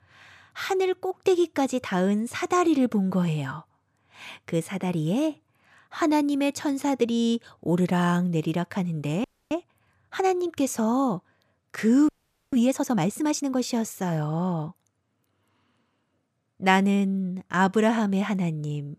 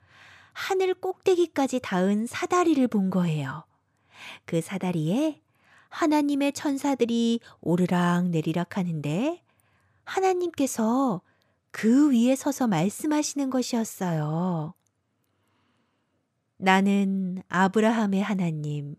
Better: second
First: audio freezing; at 9 s and at 12 s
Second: none

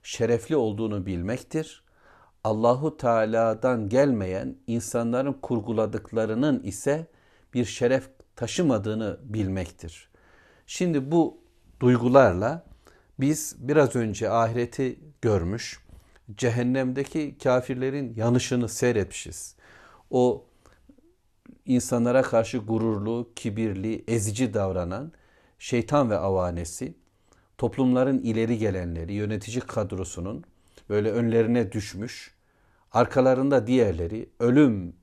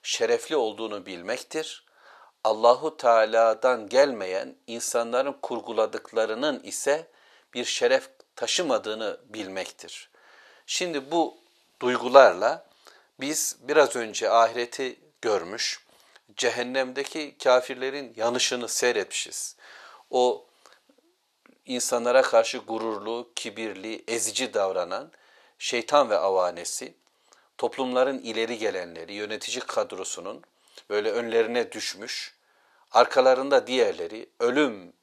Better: first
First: none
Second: thin; very; fading below 650 Hz

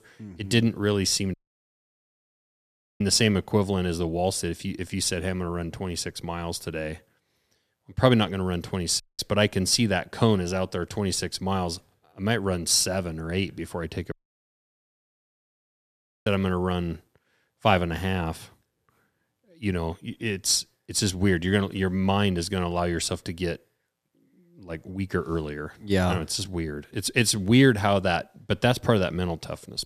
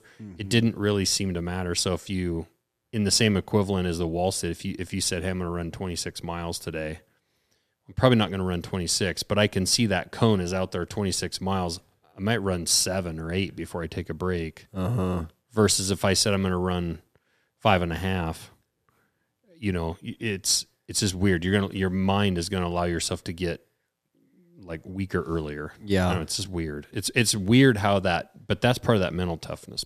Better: second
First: audio cutting out; at 1.5 s for 1.5 s, at 9 s and at 14 s for 2 s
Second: none

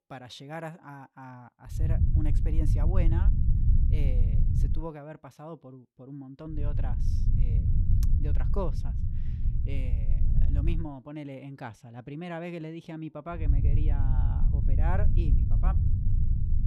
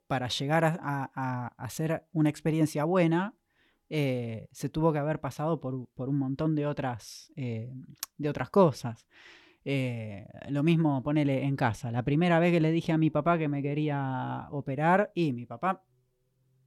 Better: second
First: low rumble; loud; from 2 to 4.5 s, from 6.5 to 11 s and from 13 s on; 3 dB below the speech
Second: none

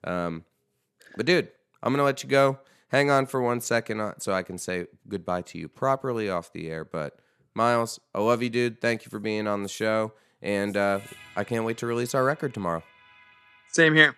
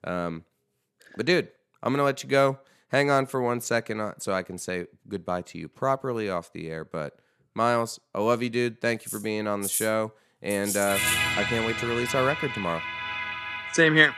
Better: first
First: background music; faint; from 9 s on; 25 dB below the speech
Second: background music; loud; from 9 s on; 2 dB below the speech

